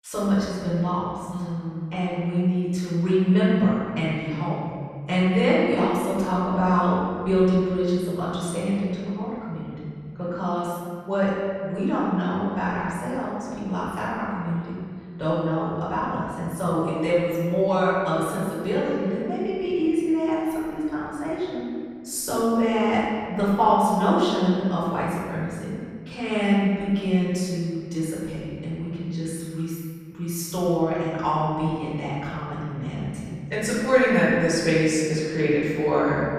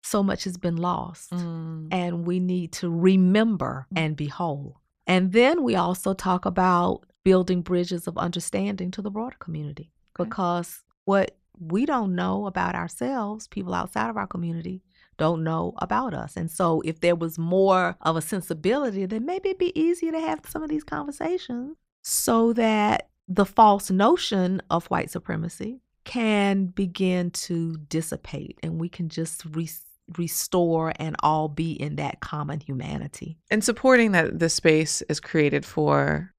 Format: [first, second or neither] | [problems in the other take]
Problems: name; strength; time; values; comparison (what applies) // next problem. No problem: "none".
second | off-mic speech; far // room echo; strong; dies away in 1.9 s